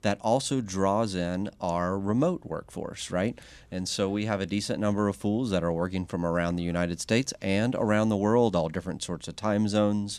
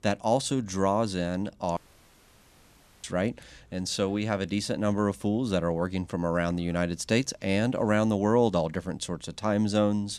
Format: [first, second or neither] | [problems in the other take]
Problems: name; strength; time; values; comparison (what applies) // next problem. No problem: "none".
first | audio cutting out; at 2 s for 1.5 s